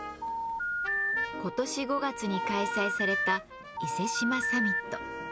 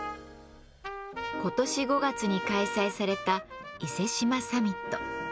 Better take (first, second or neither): second